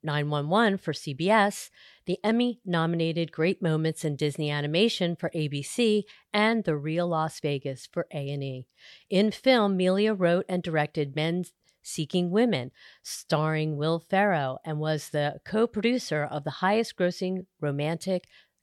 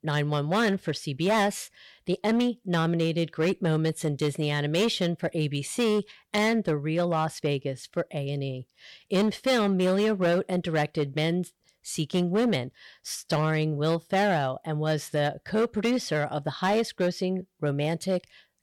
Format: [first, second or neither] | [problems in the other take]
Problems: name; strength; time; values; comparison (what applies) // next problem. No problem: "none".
first | distortion; slight; 7% of the sound clipped